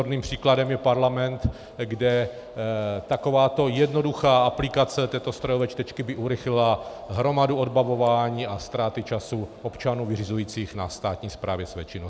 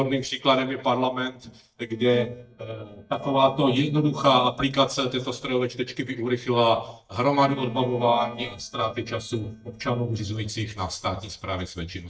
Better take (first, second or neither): first